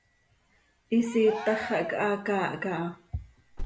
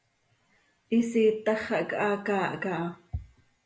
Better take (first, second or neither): second